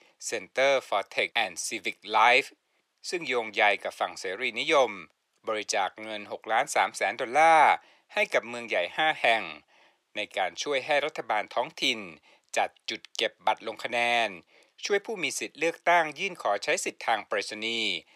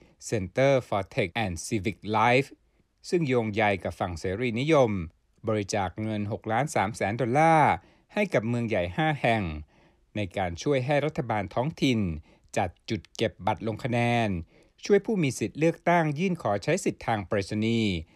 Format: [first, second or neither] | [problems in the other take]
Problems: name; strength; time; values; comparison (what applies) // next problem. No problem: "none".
second | thin; very; fading below 650 Hz